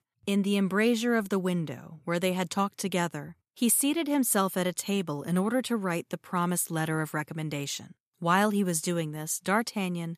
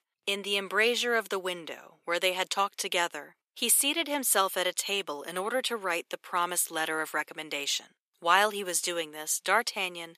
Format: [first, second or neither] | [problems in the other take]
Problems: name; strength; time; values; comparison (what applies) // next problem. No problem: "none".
first | thin; very; fading below 400 Hz